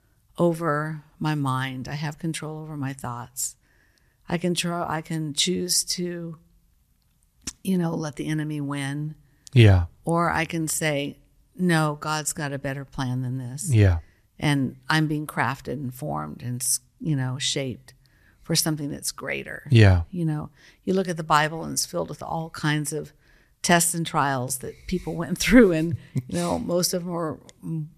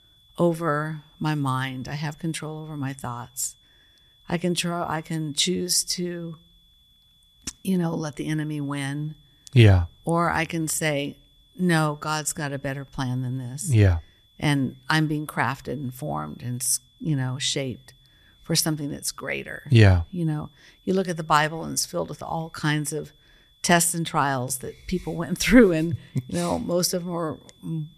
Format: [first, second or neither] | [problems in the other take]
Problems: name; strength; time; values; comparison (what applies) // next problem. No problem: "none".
first | high-pitched whine; faint; throughout; 3.5 kHz, 35 dB below the speech